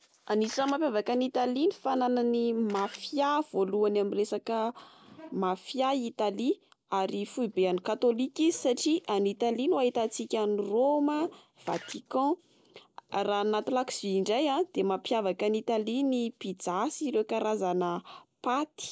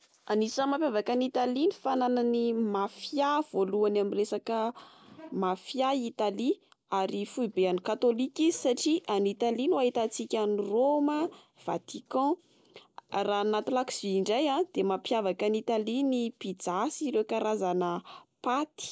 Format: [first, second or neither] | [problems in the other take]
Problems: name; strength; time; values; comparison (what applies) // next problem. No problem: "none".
second | background sound (Camera); 16 dB below the speech